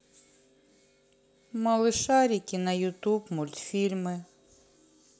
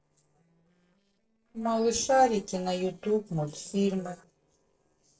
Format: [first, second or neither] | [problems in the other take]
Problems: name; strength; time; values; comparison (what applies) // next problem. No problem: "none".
first | noise reduction (neural separator model SepFormer DNS4)